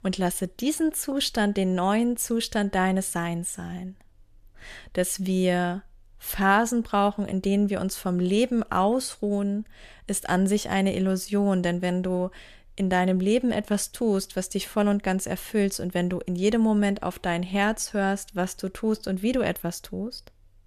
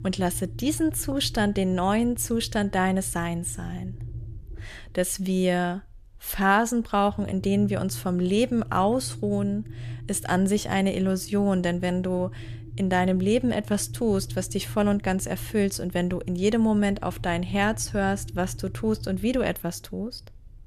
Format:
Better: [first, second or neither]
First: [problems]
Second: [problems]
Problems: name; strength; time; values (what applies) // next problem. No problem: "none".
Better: first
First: none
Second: low rumble; faint; throughout; 25 dB below the speech